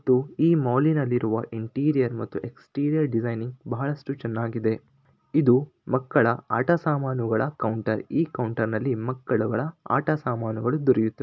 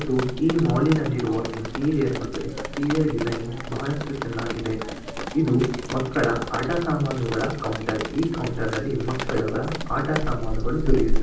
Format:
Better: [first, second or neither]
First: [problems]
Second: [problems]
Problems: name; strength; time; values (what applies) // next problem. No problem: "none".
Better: first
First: none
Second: background sound (Drip); 3 dB below the speech // room echo; dies away in 0.6 s